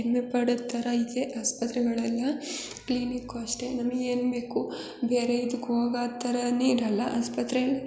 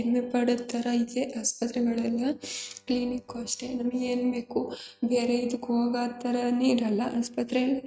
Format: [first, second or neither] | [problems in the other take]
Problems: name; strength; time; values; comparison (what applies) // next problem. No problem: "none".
first | noise reduction (neural mask model RNNoise)